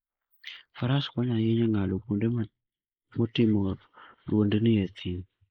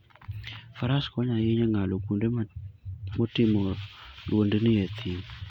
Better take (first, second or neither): second